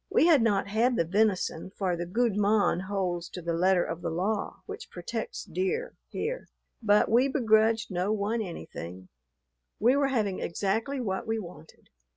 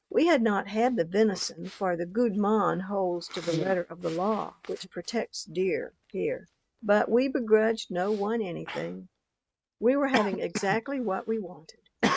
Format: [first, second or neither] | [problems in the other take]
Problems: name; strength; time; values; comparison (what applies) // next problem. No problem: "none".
first | noise reduction (neural mask model RNNoise)